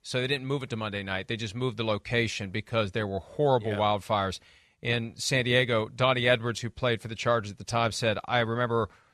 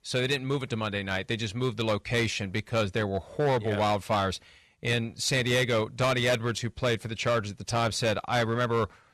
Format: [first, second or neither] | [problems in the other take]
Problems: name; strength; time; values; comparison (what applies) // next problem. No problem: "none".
first | distortion; slight; 8% of the sound clipped